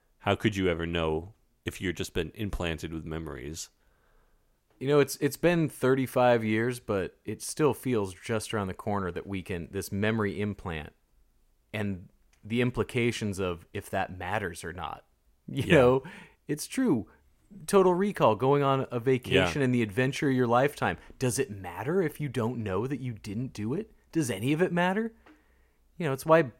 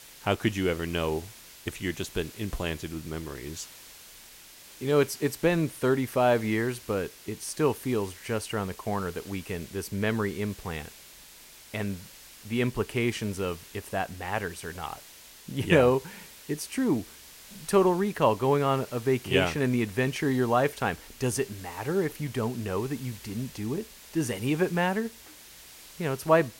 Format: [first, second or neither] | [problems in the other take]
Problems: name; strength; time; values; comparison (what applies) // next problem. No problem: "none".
first | hiss; noticeable; throughout; 20 dB below the speech